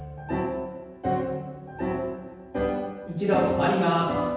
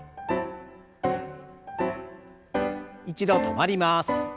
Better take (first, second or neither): second